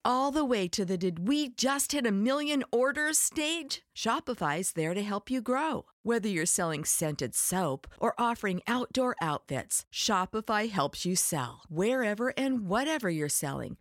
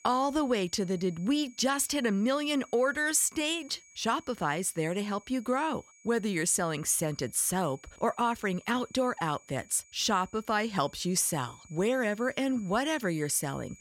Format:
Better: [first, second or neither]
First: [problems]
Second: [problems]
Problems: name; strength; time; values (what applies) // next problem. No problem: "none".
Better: first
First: none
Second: high-pitched whine; faint; throughout; 7 kHz, 25 dB below the speech